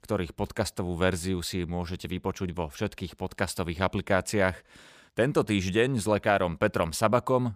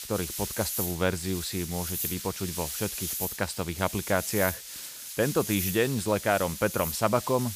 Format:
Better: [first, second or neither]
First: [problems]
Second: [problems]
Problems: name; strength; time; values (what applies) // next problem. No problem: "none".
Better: first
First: none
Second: hiss; loud; throughout; 4 dB below the speech